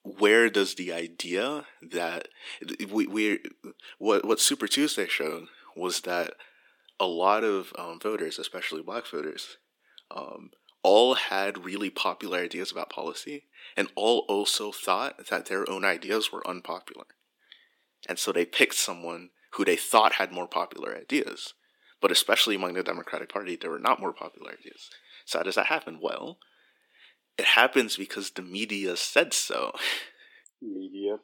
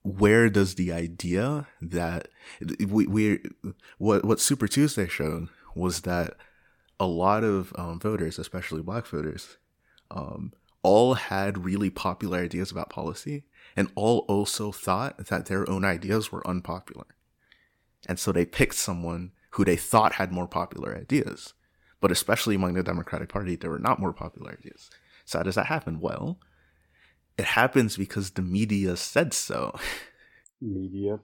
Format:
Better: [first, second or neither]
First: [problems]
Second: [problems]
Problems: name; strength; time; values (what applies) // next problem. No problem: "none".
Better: second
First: thin; somewhat; fading below 300 Hz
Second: none